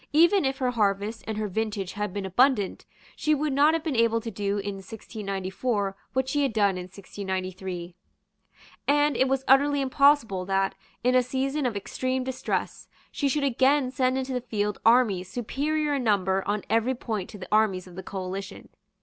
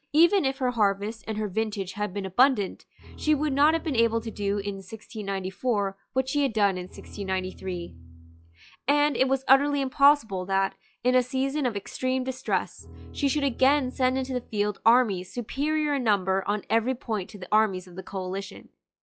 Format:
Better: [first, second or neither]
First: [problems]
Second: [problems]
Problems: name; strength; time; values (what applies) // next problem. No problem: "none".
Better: first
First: none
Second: noise reduction (classical method log-MMSE)